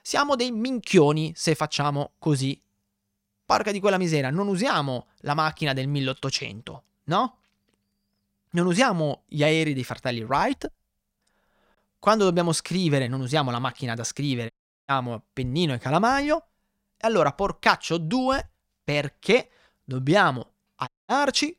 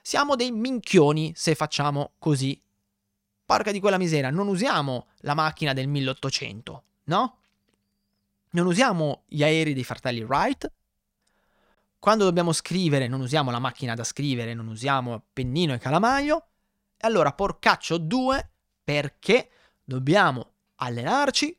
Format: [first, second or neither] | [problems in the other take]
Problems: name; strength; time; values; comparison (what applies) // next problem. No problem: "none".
second | audio cutting out; at 15 s and at 21 s